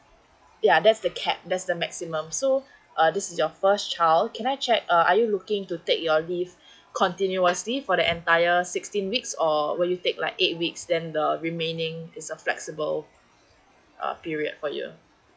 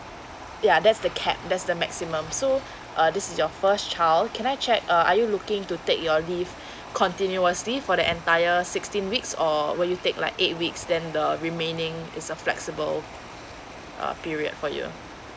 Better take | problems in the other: second | noise reduction (classical method log-MMSE)

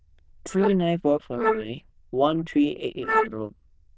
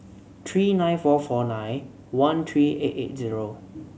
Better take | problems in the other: second | noise reduction (neural diffusion model UNIVERSE++)

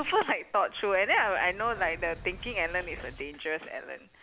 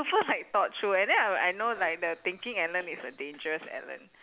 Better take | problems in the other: second | background sound (Boom); 18 dB below the speech

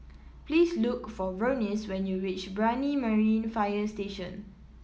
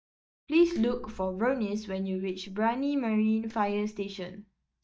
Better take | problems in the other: first | noise reduction (neural mask model DeepFilterNet 3)

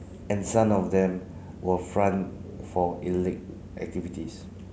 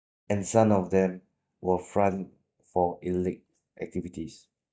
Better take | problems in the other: first | noise reduction (neural mask model DeepFilterNet 3)

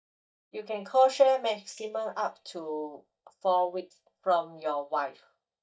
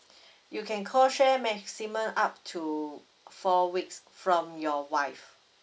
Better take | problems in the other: second | noise reduction (neural mask model DeepFilterNet 3)

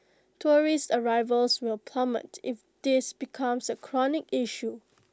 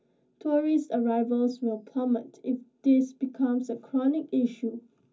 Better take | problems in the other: first | room echo; dies away in 0.3 s

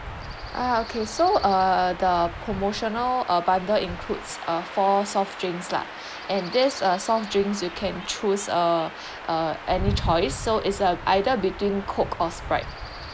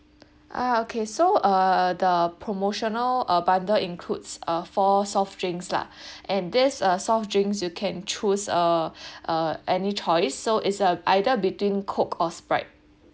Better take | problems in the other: second | background sound (Stream / Chirp, tweet / Wind); 10 dB below the speech

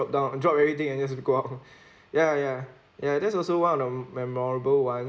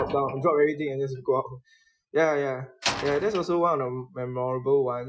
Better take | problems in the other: first | noise reduction (classical method Wiener filter)

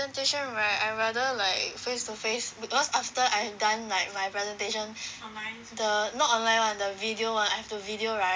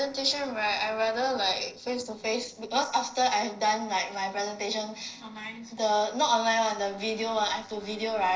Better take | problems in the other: first | noise reduction (neural separator model SepFormer DNS4)

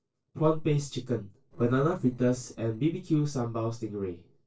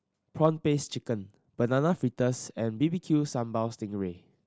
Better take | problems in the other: second | noise reduction (neural separator model SepFormer DNS4)

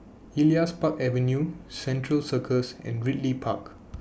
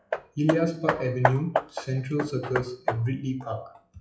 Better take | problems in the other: first | noise reduction (classical method WPE with log-MMSE)

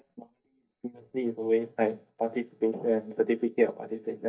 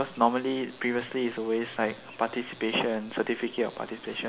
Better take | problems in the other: second | noise reduction (neural mask model DeepFilterNet 3)

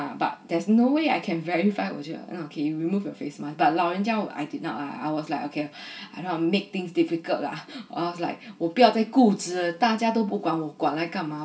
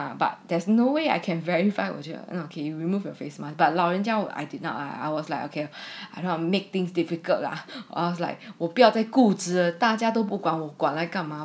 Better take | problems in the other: second | room echo; dies away in 0.2 s

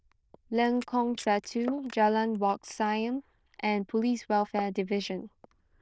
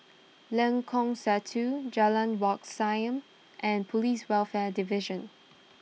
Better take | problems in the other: second | noise reduction (neural diffusion model UNIVERSE++)

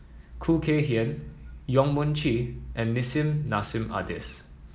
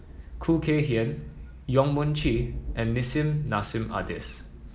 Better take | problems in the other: first | background sound (Thunder); 13 dB below the speech

